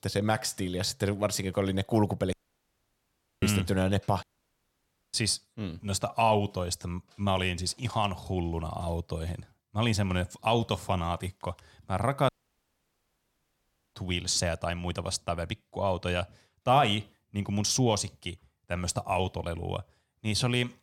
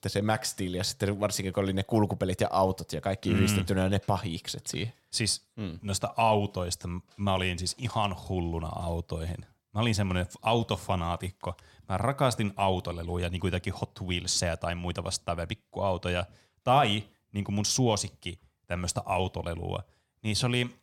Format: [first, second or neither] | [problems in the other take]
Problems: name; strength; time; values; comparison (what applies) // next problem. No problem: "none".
second | audio cutting out; at 2.5 s for 1 s, at 4 s for 1 s and at 12 s for 1.5 s